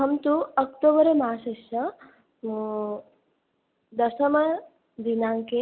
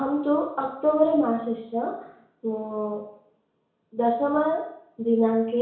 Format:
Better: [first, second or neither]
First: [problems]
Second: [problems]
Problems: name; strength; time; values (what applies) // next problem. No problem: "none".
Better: first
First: none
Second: room echo; dies away in 0.6 s